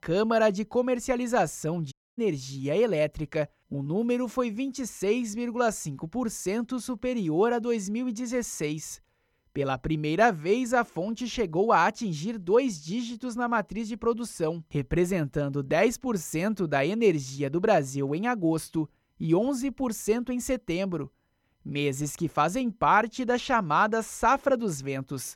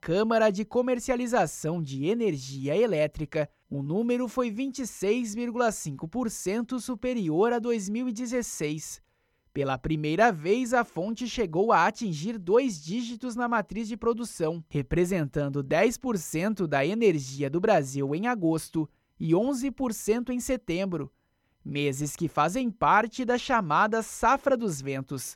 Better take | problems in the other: second | audio cutting out; at 2 s

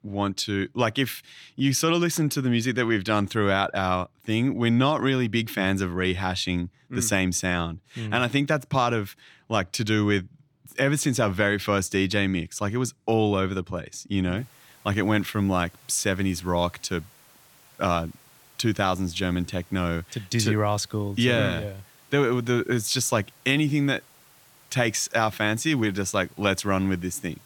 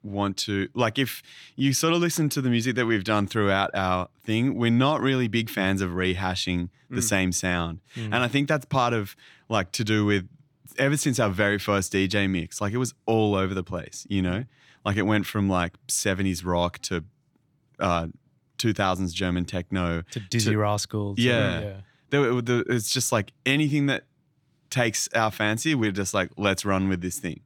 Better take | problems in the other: second | hiss; faint; from 14 s on; 30 dB below the speech

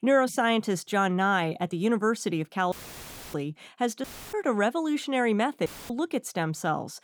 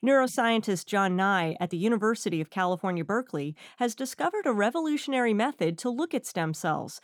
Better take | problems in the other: second | audio cutting out; filled with static; at 2.5 s for 0.5 s, at 4 s and at 5.5 s

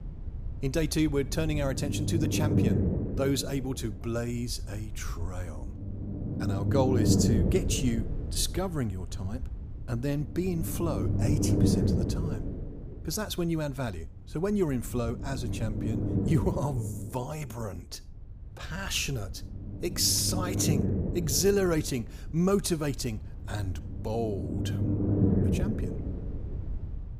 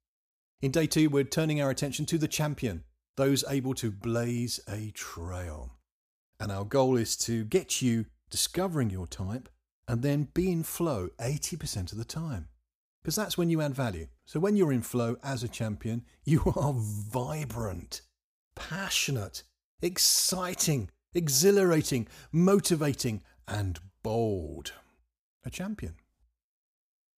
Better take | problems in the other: second | low rumble; loud; throughout; 4 dB below the speech

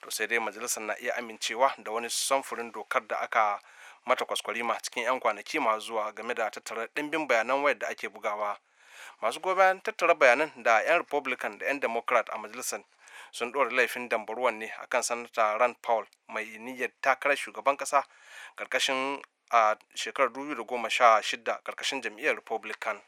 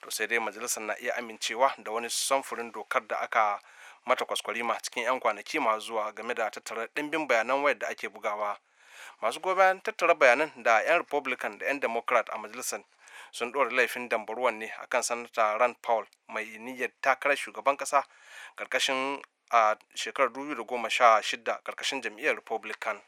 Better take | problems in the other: neither | thin; very; fading below 700 Hz; the same in both

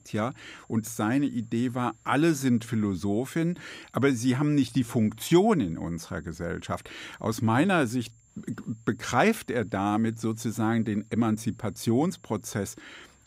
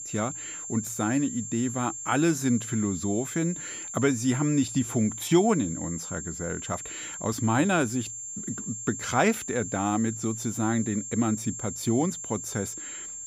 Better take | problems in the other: first | high-pitched whine; loud; throughout; 7.5 kHz, 7 dB below the speech; faint in the first

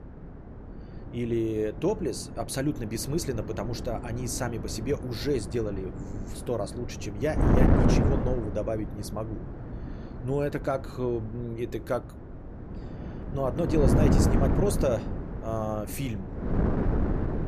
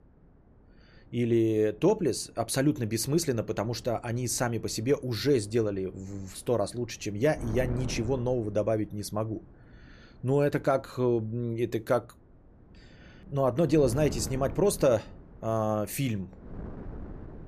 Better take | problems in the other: second | wind noise on the microphone; heavy; 3 dB below the speech; occasional gusts in the second

